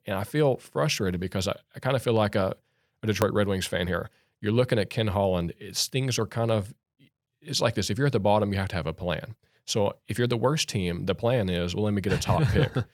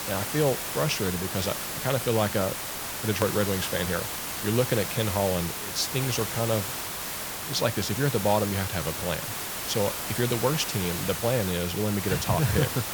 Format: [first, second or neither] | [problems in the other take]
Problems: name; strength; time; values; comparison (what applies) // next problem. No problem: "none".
first | hiss; loud; throughout; 3 dB below the speech